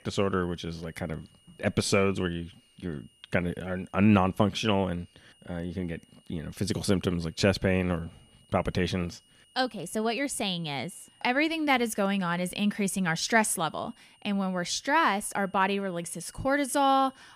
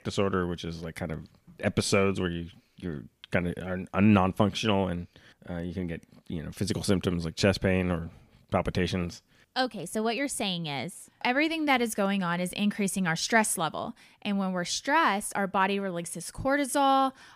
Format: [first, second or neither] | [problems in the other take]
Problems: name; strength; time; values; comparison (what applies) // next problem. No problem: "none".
second | high-pitched whine; faint; throughout; 3 kHz, 30 dB below the speech